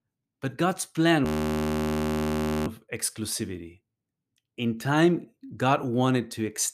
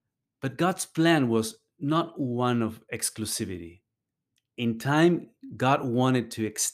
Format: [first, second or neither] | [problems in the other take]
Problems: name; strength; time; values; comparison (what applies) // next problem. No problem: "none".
second | audio freezing; at 1.5 s for 1.5 s